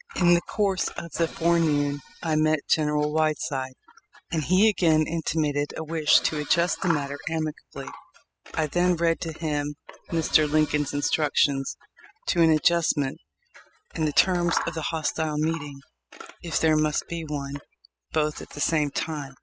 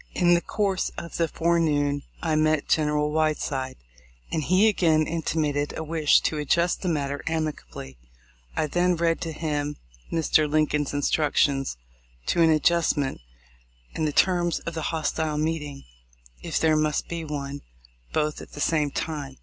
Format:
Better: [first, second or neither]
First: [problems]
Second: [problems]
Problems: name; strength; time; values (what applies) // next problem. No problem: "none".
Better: second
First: noise reduction (classical method spectral subtraction)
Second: none